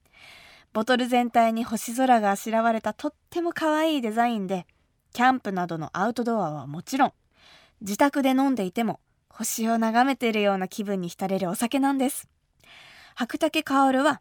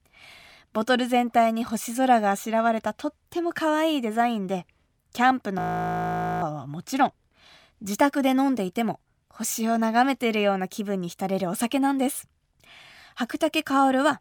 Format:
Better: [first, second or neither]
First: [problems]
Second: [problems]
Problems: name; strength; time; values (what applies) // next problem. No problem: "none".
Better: first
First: none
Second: audio freezing; at 5.5 s for 1 s